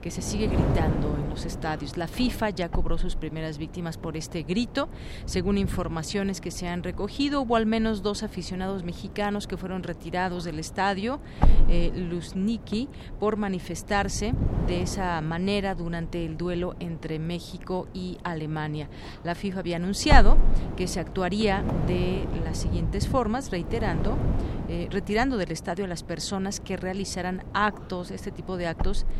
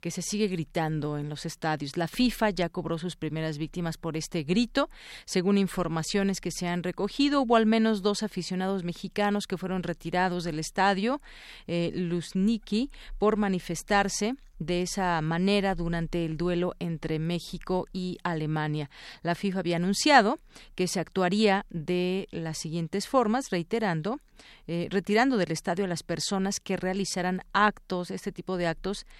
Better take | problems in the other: second | wind noise on the microphone; occasional gusts; 10 dB below the speech

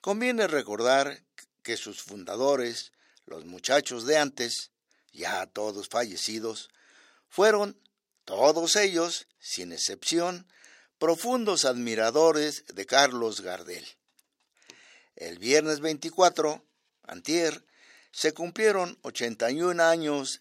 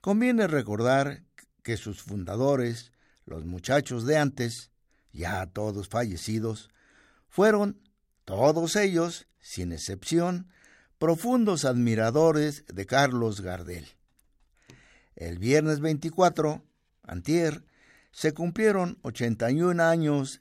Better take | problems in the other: second | thin; somewhat; fading below 400 Hz

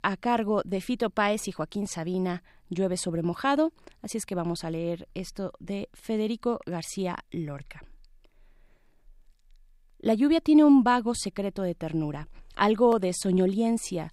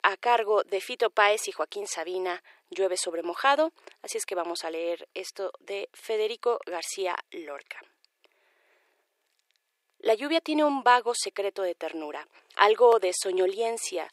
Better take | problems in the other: first | thin; very; fading below 400 Hz

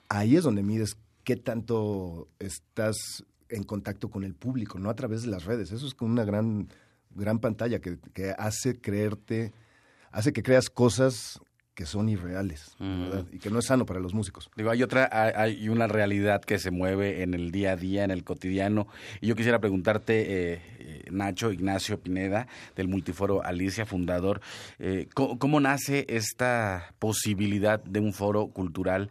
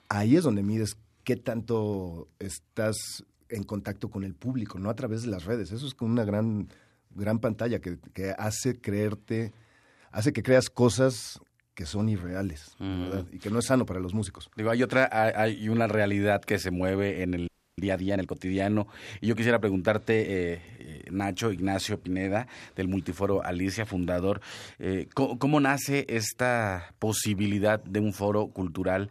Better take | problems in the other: first | audio freezing; at 17 s

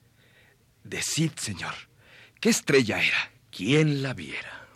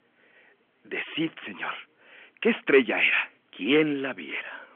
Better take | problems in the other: first | phone-call audio; nothing above 3 kHz

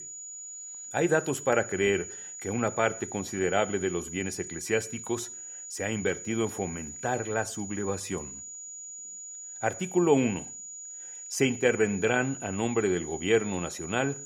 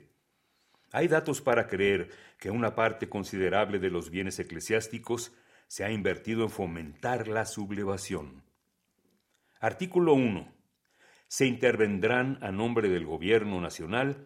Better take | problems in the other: second | high-pitched whine; loud; throughout; 7 kHz, 10 dB below the speech

